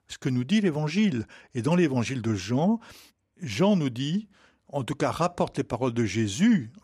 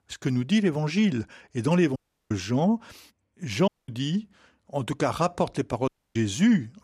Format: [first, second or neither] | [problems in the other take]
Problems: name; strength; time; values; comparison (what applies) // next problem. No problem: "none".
first | audio cutting out; at 2 s, at 3.5 s and at 6 s